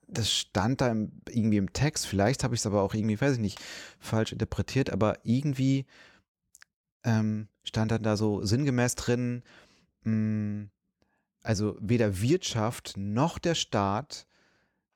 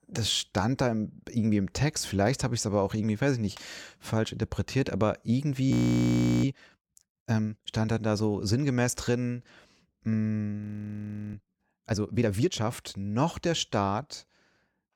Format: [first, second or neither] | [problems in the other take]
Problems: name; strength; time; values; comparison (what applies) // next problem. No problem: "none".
first | audio freezing; at 5.5 s for 0.5 s and at 11 s for 0.5 s